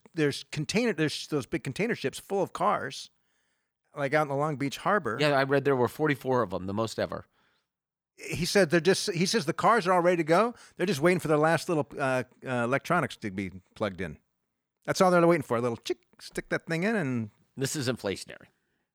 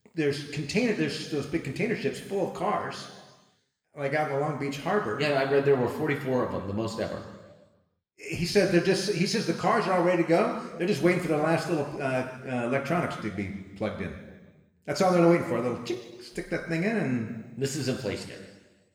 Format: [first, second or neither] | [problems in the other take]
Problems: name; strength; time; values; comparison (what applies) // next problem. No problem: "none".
first | room echo; noticeable; dies away in 1.2 s // off-mic speech; somewhat distant